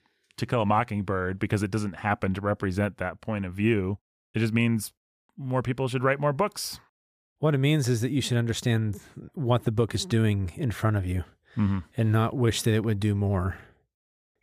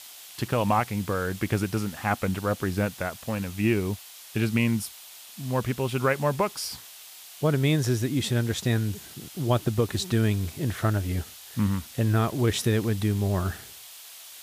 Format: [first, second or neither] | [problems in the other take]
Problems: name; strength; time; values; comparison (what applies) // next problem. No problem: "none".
first | hiss; noticeable; throughout; 15 dB below the speech